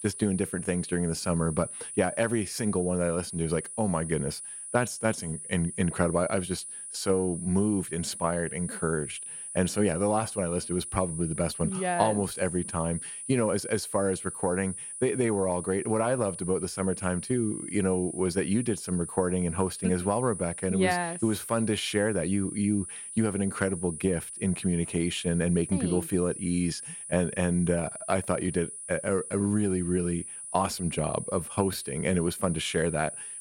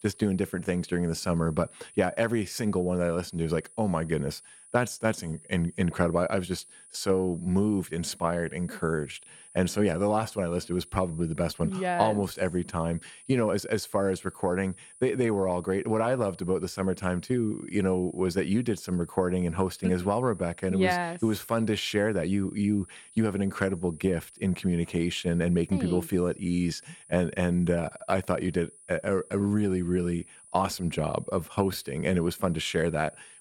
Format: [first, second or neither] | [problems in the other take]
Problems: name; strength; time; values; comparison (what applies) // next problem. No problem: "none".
second | high-pitched whine; loud; throughout; 9.5 kHz, 8 dB below the speech; faint in the second